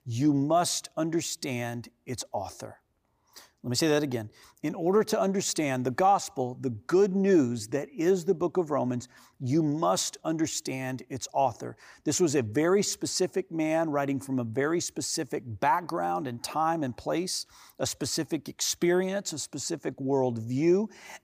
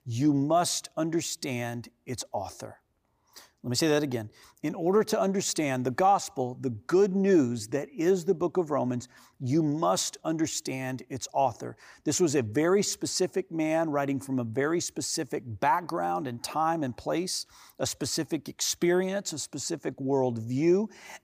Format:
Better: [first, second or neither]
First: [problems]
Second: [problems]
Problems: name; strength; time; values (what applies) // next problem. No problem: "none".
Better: neither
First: none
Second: none